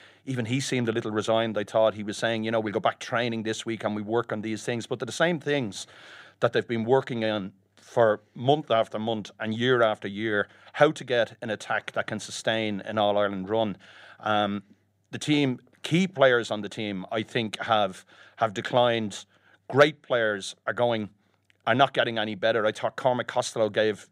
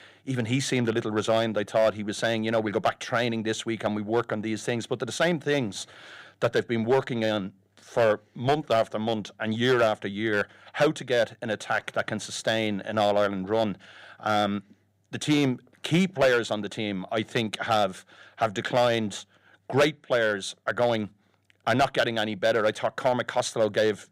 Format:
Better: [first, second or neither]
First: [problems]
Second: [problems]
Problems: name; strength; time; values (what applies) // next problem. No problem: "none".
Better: first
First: none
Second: distortion; slight; 3% of the sound clipped